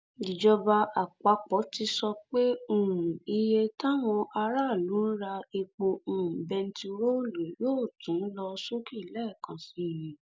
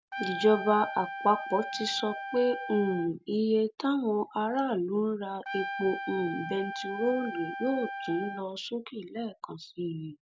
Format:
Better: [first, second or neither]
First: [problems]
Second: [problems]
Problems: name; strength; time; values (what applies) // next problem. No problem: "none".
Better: first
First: none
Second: background sound (Trumpet); 8 dB below the speech